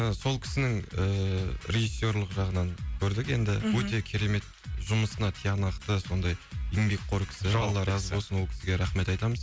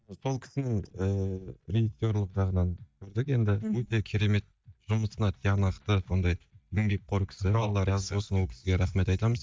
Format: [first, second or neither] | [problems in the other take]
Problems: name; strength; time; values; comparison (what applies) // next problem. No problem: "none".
first | noise reduction (neural mask model DeepFilterNet 3)